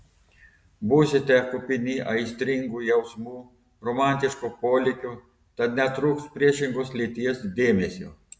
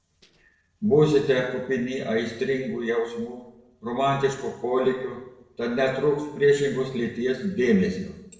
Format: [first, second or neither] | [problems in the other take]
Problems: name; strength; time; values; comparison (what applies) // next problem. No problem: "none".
first | noise reduction (neural separator model SepFormer DNS4)